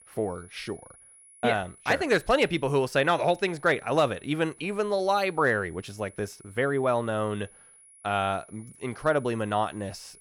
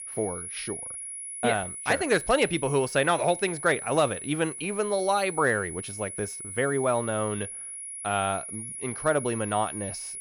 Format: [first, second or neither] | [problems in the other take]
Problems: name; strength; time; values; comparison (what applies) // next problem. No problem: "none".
first | high-pitched whine; loud; throughout; 10.5 kHz, 8 dB below the speech; faint in the first